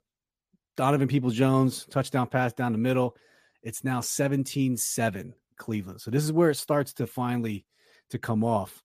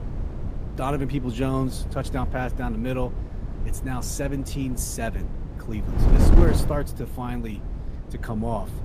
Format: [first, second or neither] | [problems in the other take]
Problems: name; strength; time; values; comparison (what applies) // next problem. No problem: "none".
first | wind noise on the microphone; heavy; 7 dB below the speech